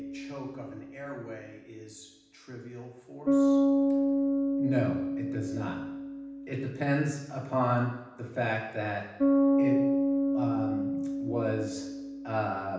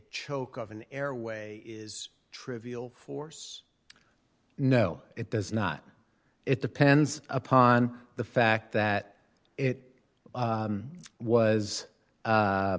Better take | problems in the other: second | background sound (Bass guitar); 5 dB above the speech // room echo; dies away in 0.9 s

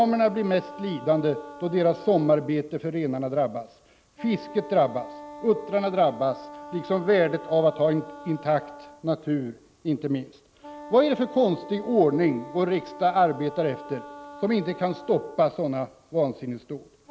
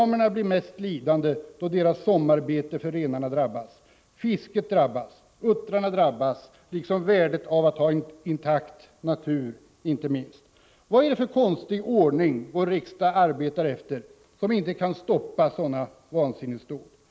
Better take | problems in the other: second | background sound (Wind instrument, woodwind instrument); 18 dB below the speech

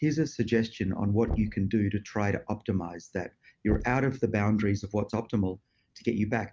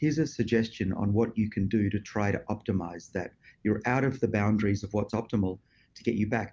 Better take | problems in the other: second | noise reduction (neural mask model RNNoise)

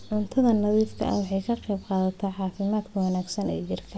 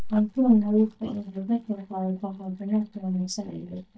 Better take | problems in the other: first | noise reduction (neural mask model DeepFilterNet 3)

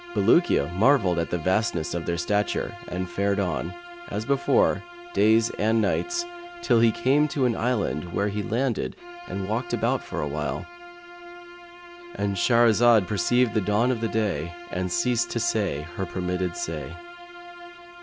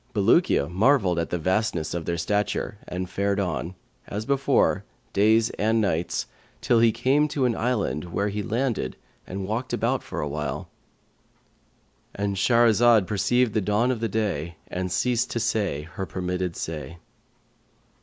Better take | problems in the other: second | background sound (Bowed string instrument); 15 dB below the speech

